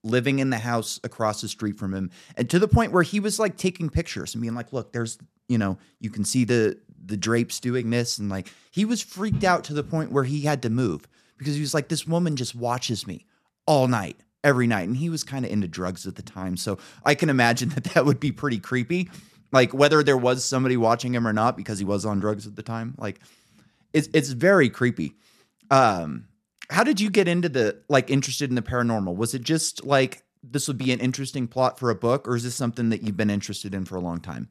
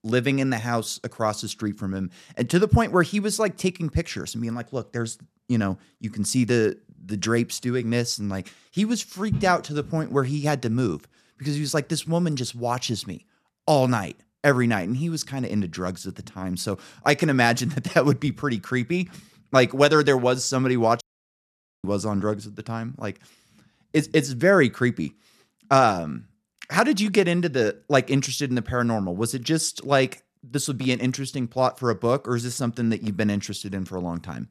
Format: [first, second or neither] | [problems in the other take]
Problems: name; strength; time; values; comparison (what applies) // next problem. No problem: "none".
first | audio cutting out; at 21 s for 1 s